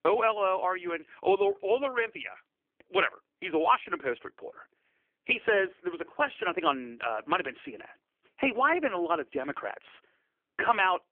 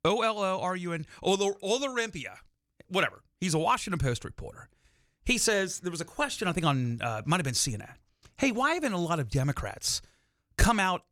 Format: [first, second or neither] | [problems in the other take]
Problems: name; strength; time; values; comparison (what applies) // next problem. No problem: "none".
second | phone-call audio; poor line; nothing above 3 kHz